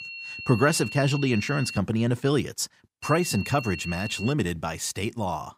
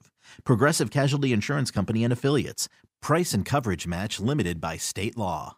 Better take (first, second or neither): second